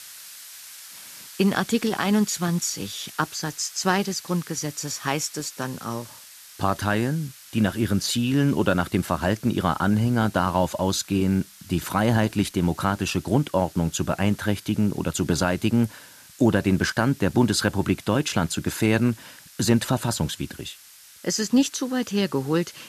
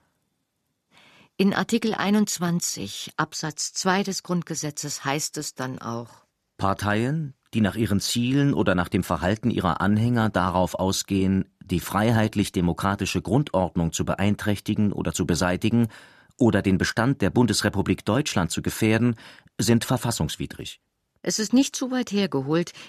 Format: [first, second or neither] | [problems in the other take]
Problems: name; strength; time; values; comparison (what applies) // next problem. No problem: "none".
second | hiss; noticeable; throughout; 20 dB below the speech